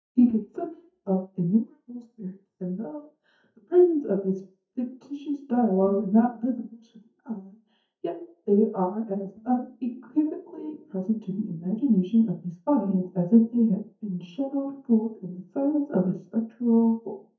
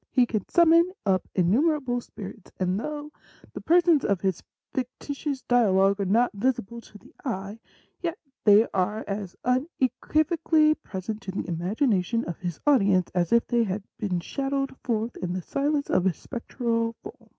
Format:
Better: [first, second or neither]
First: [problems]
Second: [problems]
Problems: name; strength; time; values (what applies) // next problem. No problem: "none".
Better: second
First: noise reduction (neural mask model DeepFilterNet 3)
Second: none